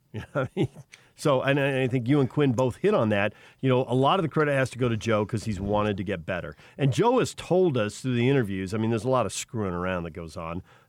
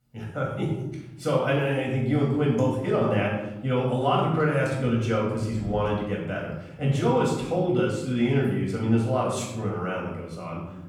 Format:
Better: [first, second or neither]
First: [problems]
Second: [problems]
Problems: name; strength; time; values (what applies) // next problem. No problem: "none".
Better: first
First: none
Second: off-mic speech; far // room echo; noticeable; dies away in 0.9 s